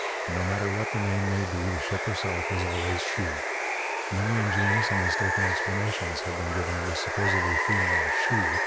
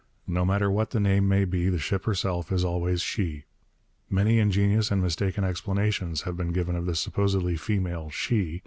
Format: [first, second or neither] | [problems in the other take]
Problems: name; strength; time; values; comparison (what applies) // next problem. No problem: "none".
second | background sound (Water); 2 dB above the speech